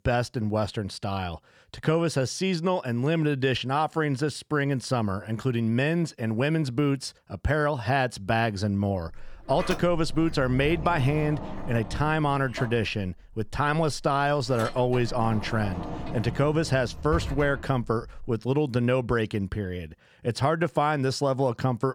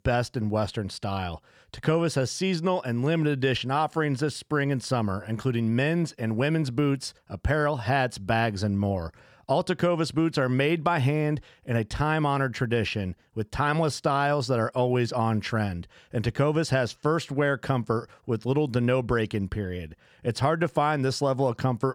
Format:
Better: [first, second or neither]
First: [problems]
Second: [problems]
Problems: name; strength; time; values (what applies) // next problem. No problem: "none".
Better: second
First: door banging; noticeable; from 9 to 18 s; peak 6 dB below the speech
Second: none